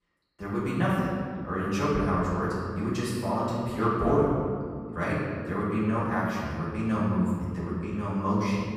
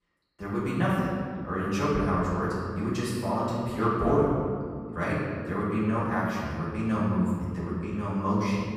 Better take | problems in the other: neither | off-mic speech; far; the same in both // room echo; strong; dies away in 1.9 s; the same in both

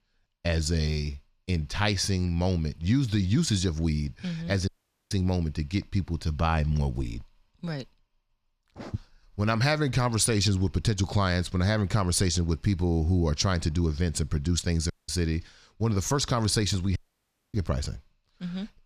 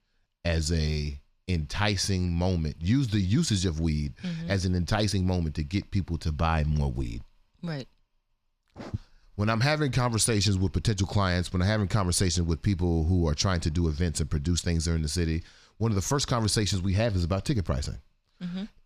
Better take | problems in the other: second | audio cutting out; at 4.5 s, at 15 s and at 17 s for 0.5 s

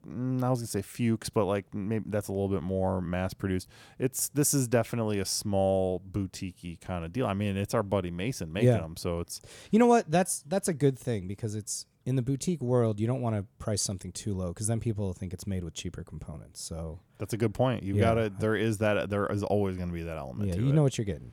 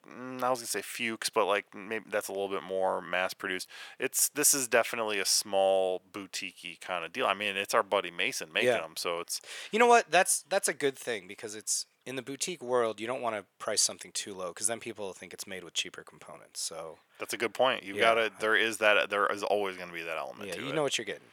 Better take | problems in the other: first | thin; very; fading below 550 Hz

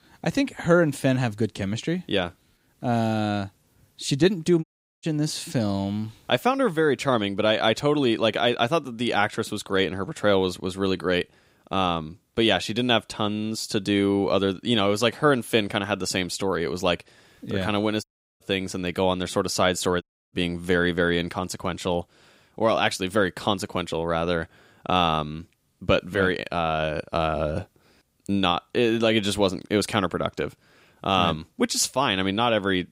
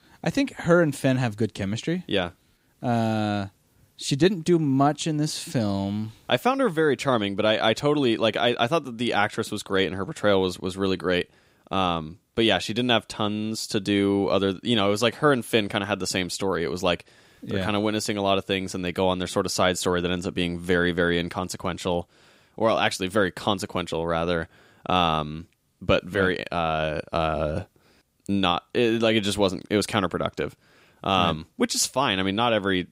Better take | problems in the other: second | audio cutting out; at 4.5 s, at 18 s and at 20 s

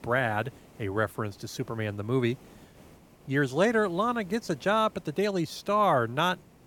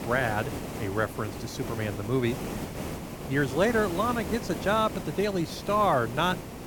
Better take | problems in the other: first | hiss; loud; throughout; 8 dB below the speech; faint in the first

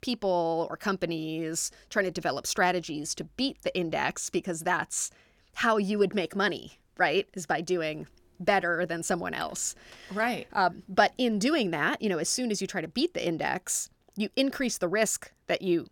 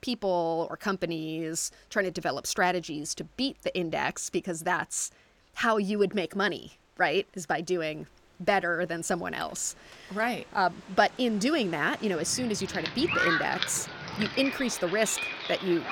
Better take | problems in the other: first | rain or running water; loud; throughout; 4 dB below the speech

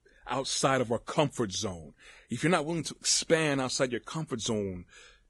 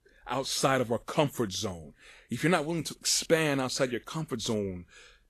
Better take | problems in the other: second | garbled, watery; badly; nothing above 10.5 kHz; slightly in the second

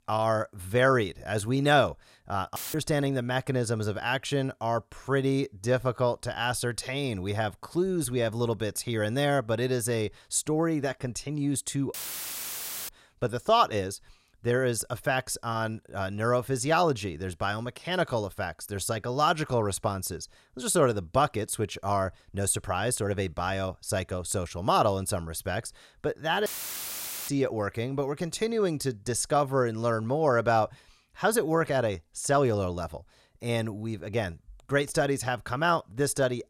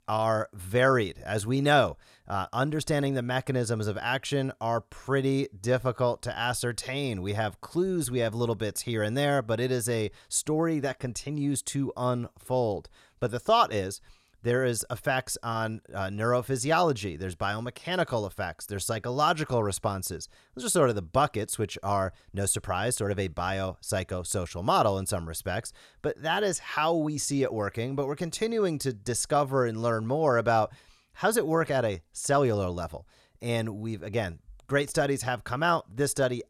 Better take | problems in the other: second | audio cutting out; filled with static; at 2.5 s, at 12 s for 1 s and at 26 s for 1 s

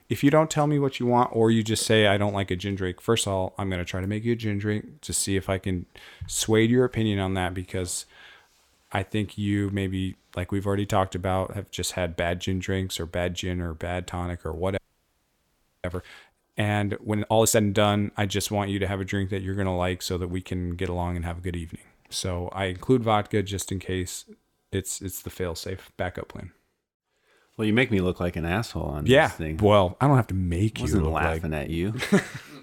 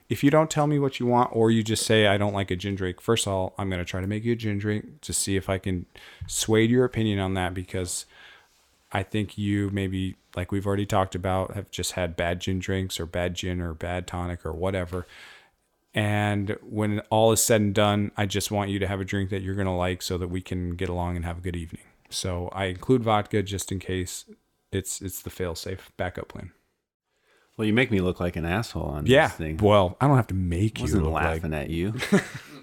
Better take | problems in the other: second | audio freezing; at 15 s for 1 s

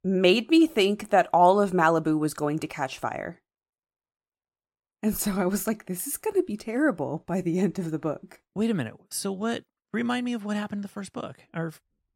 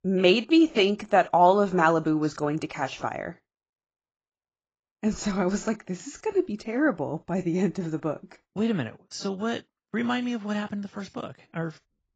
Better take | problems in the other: first | garbled, watery; badly; nothing above 7.5 kHz

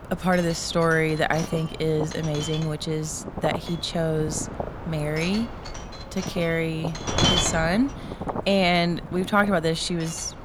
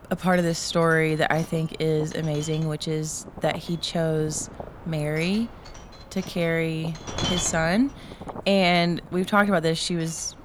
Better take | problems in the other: second | wind noise on the microphone; heavy; 6 dB below the speech; occasional gusts in the second

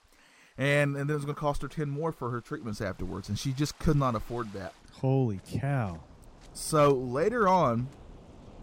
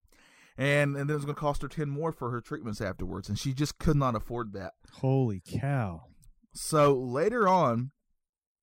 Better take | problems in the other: second | rain or running water; faint; throughout; 25 dB below the speech

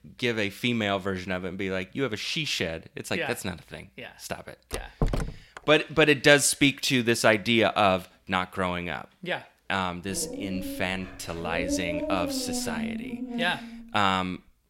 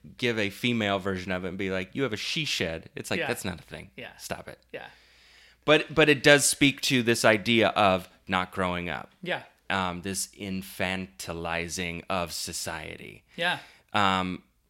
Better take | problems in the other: second | door banging; noticeable; at 4.5 s; peak 4 dB below the speech // dog barking; noticeable; from 10 to 14 s; peak 4 dB below the speech

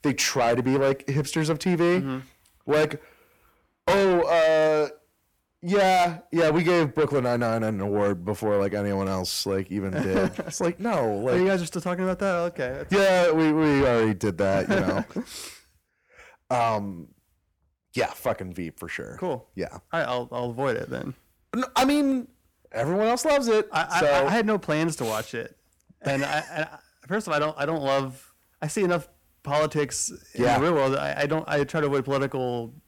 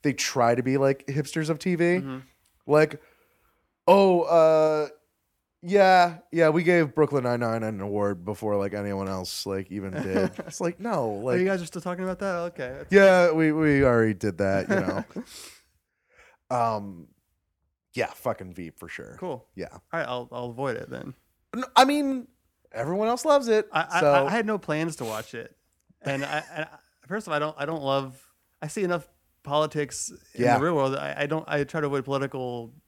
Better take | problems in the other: second | distortion; heavy; 6 dB below the speech

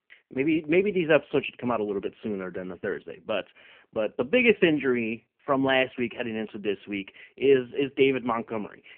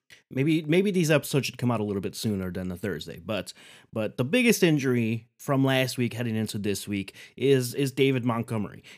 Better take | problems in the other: second | phone-call audio; poor line; nothing above 3 kHz

